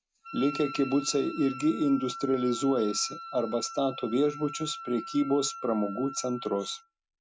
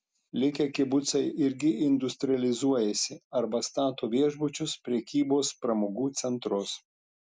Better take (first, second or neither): second